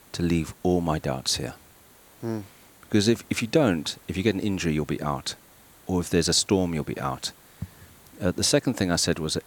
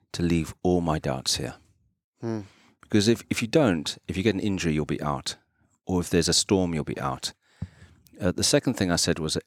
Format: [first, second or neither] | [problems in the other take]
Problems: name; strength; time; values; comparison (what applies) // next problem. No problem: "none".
second | hiss; faint; throughout; 25 dB below the speech